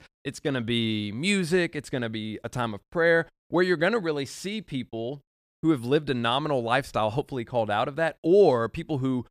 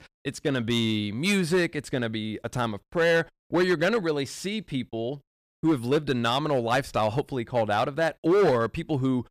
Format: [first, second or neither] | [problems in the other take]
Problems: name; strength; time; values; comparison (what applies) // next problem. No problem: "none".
first | distortion; slight; 5% of the sound clipped